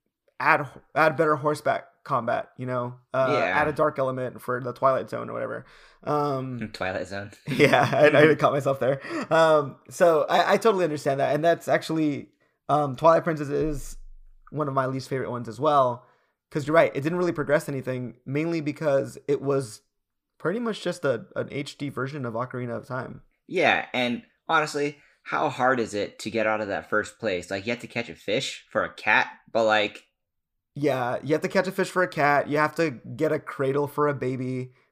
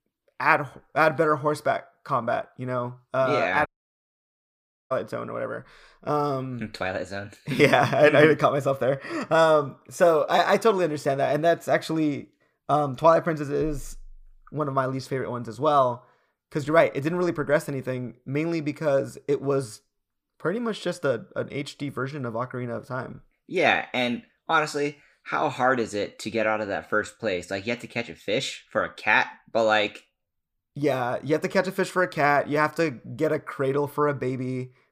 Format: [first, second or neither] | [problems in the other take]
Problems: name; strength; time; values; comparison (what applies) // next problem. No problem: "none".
first | audio cutting out; at 3.5 s for 1 s